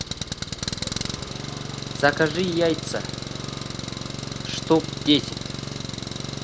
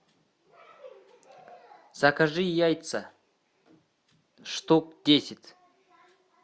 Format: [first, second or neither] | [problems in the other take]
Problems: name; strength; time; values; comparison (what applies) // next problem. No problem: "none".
second | background sound (Engine); 4 dB below the speech